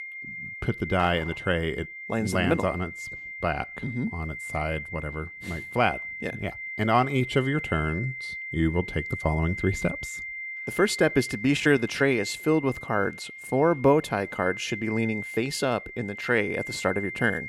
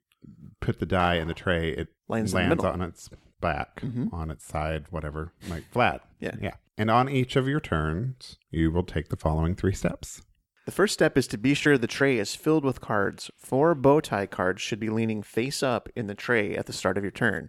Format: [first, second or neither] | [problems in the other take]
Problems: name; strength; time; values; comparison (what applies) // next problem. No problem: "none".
second | high-pitched whine; loud; throughout; 2 kHz, 9 dB below the speech